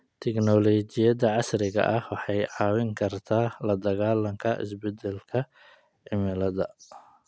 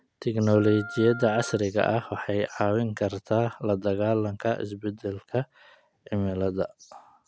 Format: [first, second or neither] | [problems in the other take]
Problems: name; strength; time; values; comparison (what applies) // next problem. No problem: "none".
first | background sound (Wind instrument, woodwind instrument); 14 dB below the speech